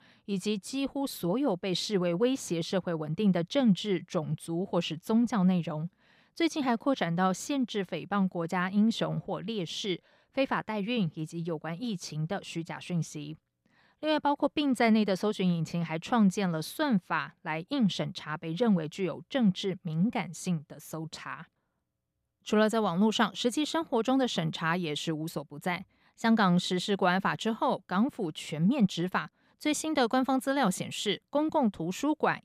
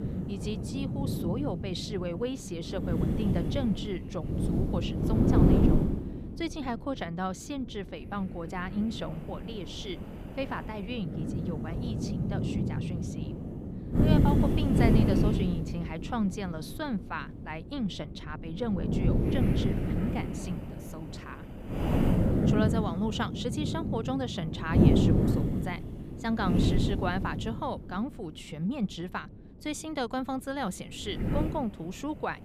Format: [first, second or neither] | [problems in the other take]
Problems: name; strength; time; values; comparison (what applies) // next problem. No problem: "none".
first | wind noise on the microphone; heavy; as loud as the speech